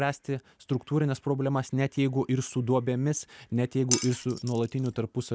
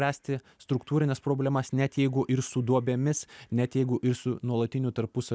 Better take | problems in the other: second | background sound (Glass); 7 dB below the speech

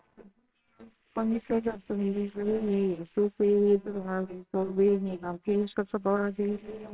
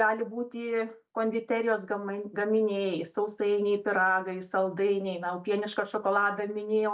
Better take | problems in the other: second | noise reduction (neural separator model SepFormer WHAMR!)

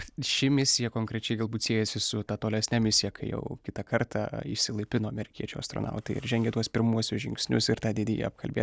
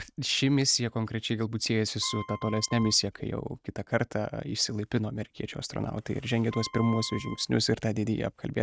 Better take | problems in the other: first | noise reduction (neural mask model RNNoise)

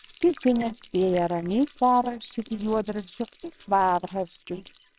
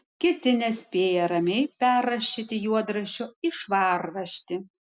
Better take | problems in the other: second | noise reduction (neural separator model SepFormer WHAMR!)

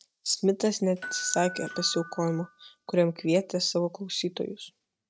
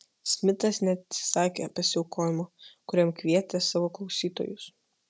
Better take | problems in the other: second | noise reduction (neural mask model RNNoise)

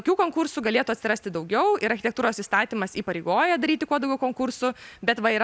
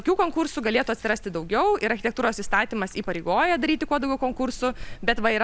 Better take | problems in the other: first | background sound (Chewing, mastication); 12 dB below the speech

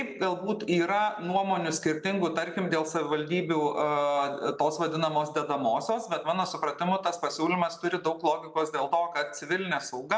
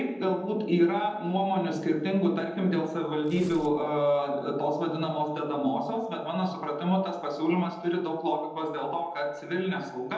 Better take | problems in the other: first | noise reduction (neural separator model SepFormer DNS4)

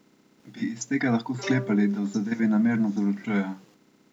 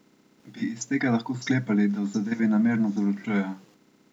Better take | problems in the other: second | background sound (Bowed string instrument); 16 dB below the speech

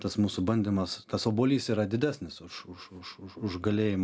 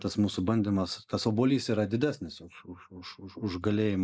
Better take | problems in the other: first | noise reduction (neural mask model Resemble Enhance denoiser)

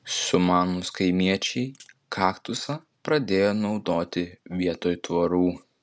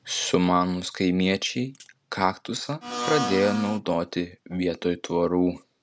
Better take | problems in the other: first | background sound (Domestic sounds, home sounds); 4 dB below the speech

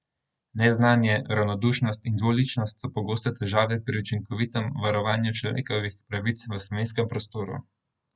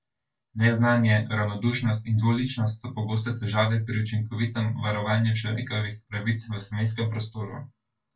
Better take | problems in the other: first | room echo; dies away in 0.2 s

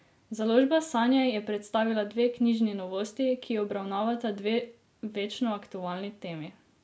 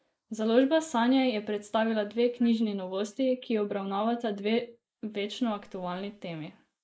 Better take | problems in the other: first | noise reduction (neural mask model Resemble Enhance denoiser)

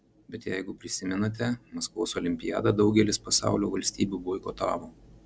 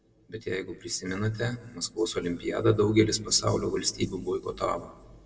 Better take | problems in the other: first | room echo; dies away in 1.1 s

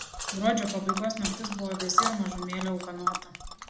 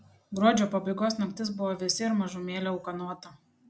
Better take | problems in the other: second | background sound (Tick); 1 dB below the speech // room echo; dies away in 0.7 s

